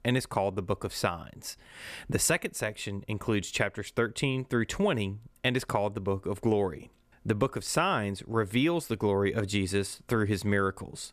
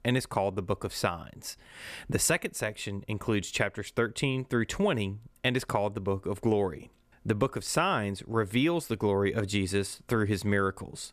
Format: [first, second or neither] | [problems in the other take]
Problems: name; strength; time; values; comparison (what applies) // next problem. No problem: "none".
neither | none